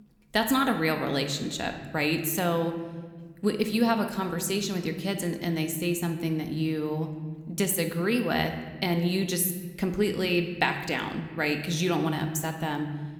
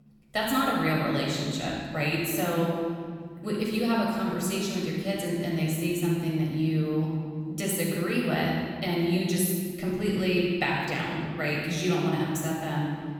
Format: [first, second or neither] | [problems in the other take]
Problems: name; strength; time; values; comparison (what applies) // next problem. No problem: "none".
first | room echo; strong; dies away in 2 s; slight in the first // off-mic speech; far